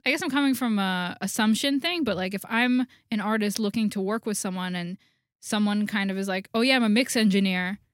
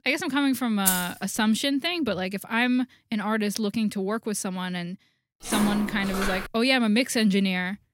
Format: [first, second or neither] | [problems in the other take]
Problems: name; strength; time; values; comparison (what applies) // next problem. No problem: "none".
first | jangling keys; loud; at 1 s; peak 1 dB above the speech // footsteps; noticeable; from 5.5 to 6.5 s; peak 4 dB below the speech